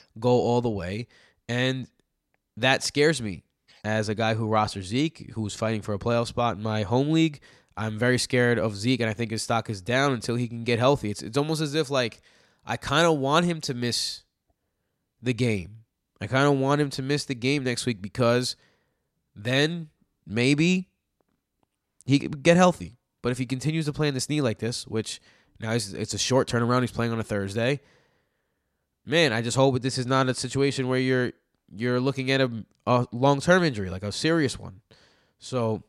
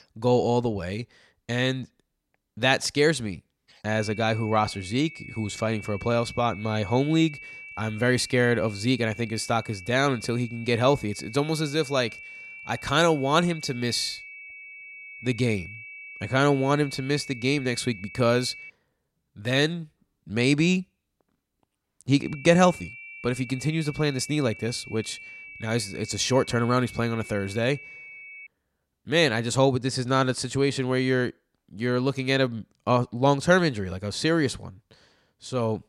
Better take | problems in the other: first | high-pitched whine; noticeable; from 4 to 19 s and from 22 to 28 s; 2.5 kHz, 15 dB below the speech

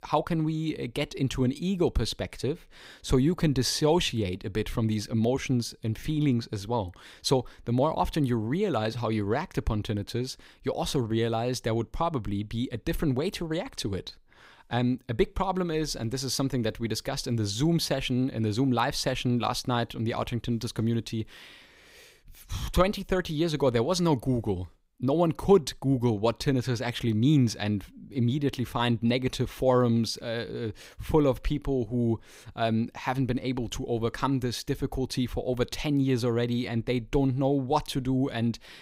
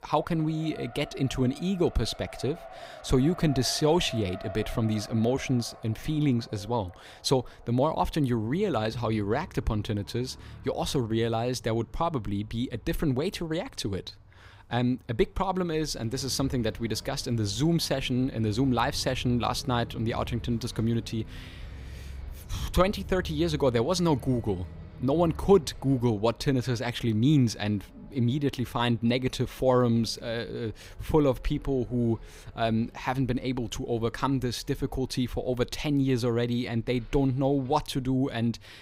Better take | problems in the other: first | traffic noise; noticeable; throughout; 20 dB below the speech

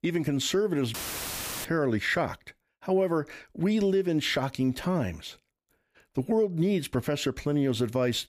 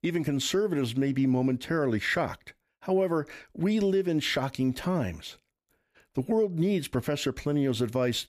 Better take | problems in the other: second | audio cutting out; filled with static; at 1 s for 0.5 s

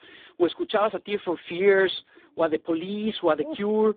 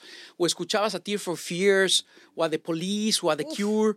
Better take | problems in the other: second | phone-call audio; poor line; nothing above 3.5 kHz

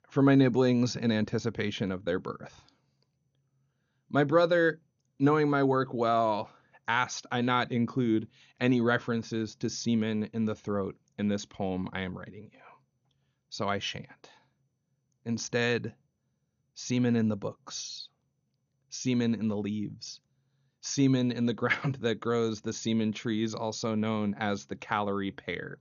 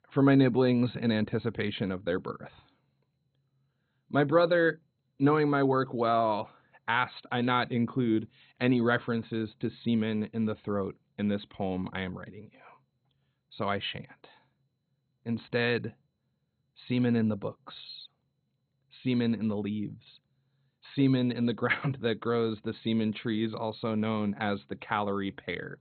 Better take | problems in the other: first | garbled, watery; badly; nothing above 4 kHz; slightly in the first

